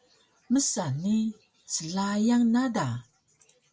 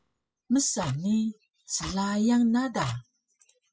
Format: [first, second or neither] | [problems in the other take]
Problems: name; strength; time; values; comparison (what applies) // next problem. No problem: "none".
first | noise reduction (classical method spectral subtraction)